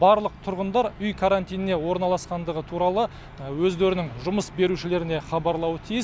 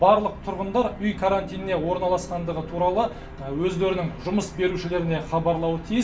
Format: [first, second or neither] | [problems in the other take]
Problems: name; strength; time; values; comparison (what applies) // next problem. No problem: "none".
first | background sound (Piano); 18 dB below the speech // room echo; dies away in 0.3 s